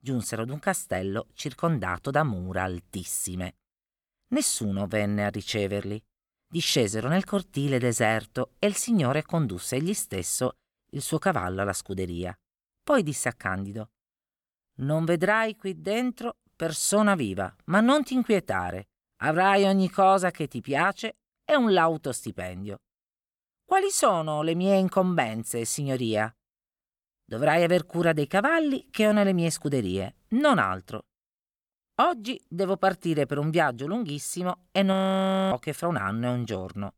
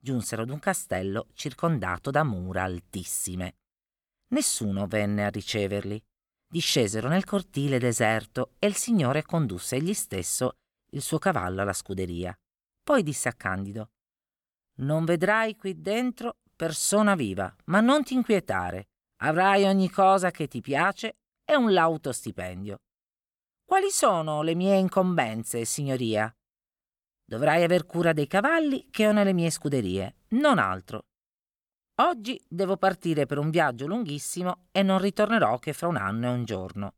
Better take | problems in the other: second | audio freezing; at 35 s for 0.5 s

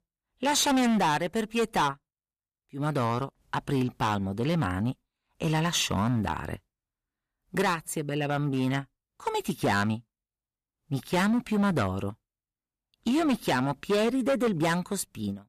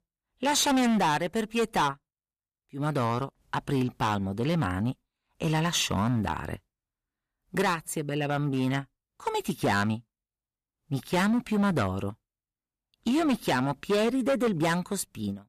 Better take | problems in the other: neither | distortion; heavy; 9% of the sound clipped; the same in both

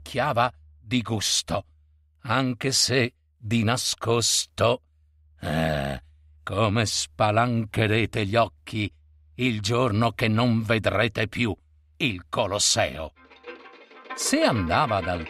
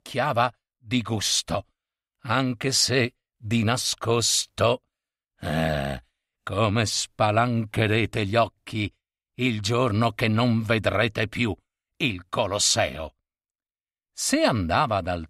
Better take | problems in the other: second | background music; noticeable; throughout; 15 dB below the speech

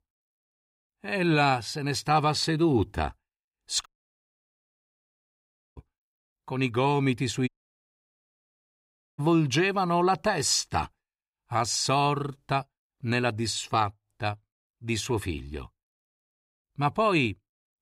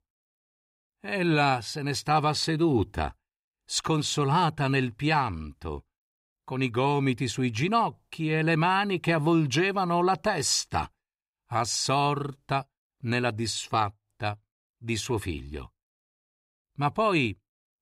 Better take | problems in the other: second | audio cutting out; at 4 s for 2 s and at 7.5 s for 1.5 s

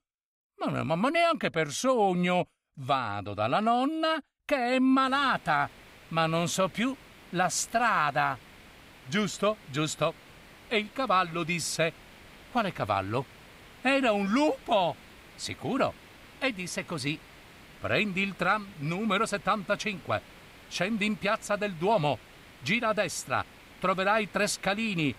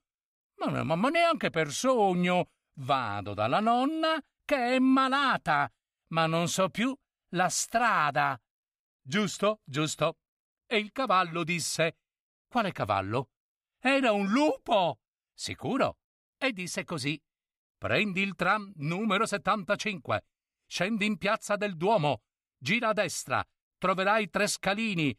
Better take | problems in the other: second | hiss; faint; from 5 s on; 20 dB below the speech

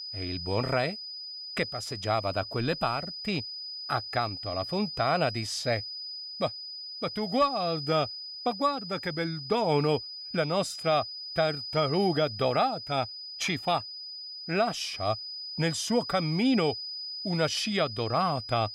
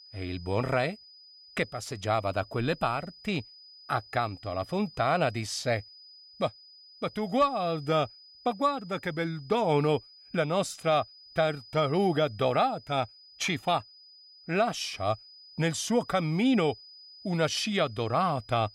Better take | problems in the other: second | high-pitched whine; loud; throughout; 5 kHz, 7 dB below the speech; faint in the second

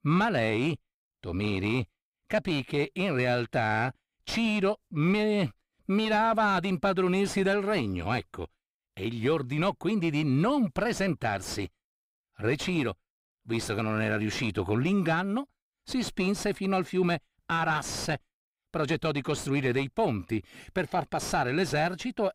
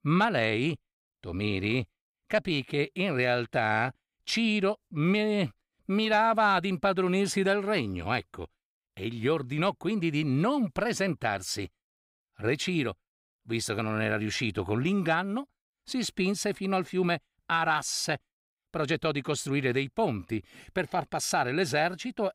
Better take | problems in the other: second | distortion; slight; 10 dB below the speech

